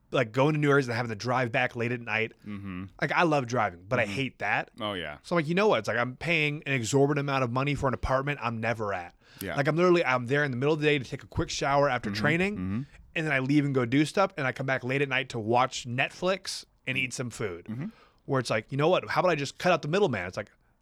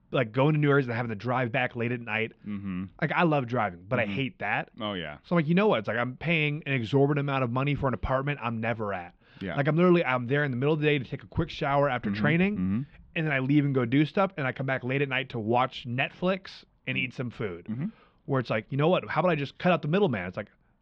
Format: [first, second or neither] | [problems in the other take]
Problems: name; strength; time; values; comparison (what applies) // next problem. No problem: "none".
first | muffled; slightly; fading above 3.5 kHz